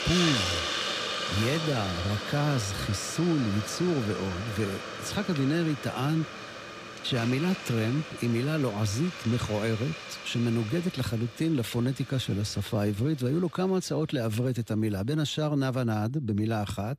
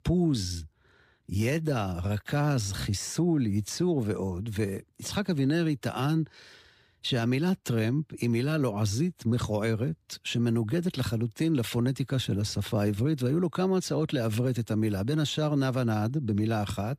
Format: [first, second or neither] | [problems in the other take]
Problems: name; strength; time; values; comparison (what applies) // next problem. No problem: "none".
second | hiss; loud; throughout; 5 dB below the speech